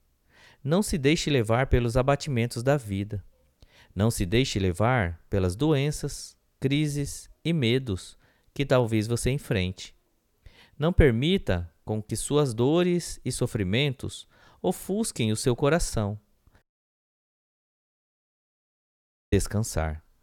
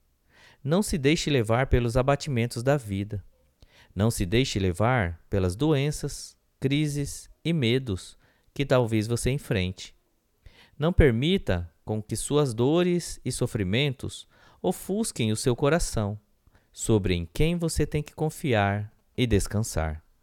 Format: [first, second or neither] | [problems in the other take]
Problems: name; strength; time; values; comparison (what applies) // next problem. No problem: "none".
second | audio cutting out; at 17 s for 2.5 s